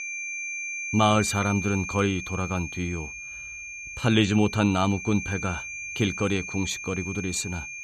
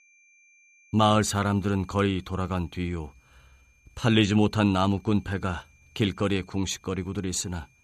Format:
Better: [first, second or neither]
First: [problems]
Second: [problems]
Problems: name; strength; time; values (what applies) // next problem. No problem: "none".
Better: second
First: high-pitched whine; loud; throughout; 2.5 kHz, 7 dB below the speech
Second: high-pitched whine; faint; throughout; 2.5 kHz, 35 dB below the speech